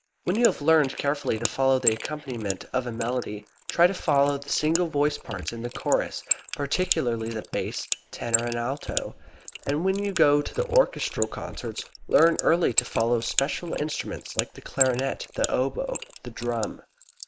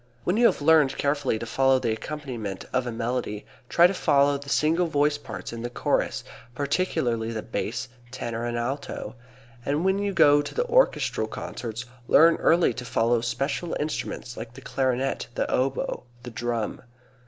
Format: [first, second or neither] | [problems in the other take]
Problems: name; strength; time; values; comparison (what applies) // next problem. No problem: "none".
second | noise reduction (neural mask model Resemble Enhance denoiser)